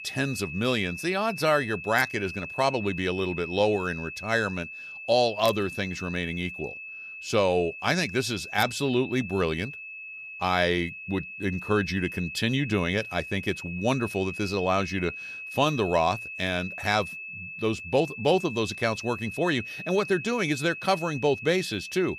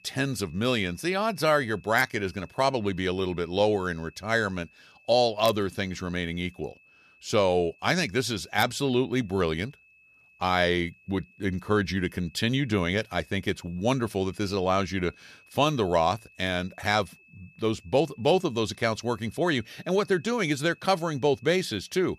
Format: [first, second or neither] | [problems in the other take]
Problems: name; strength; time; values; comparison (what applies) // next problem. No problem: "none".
second | high-pitched whine; loud; throughout; 2.5 kHz, 10 dB below the speech; faint in the second